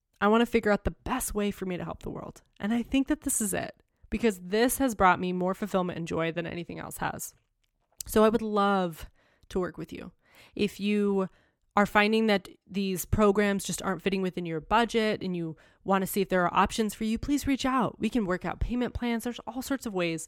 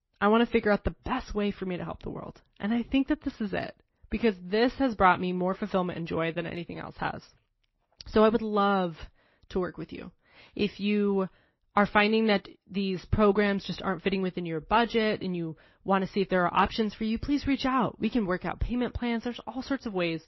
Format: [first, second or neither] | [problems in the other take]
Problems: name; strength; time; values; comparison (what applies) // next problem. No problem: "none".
first | garbled, watery; slightly; nothing above 5.5 kHz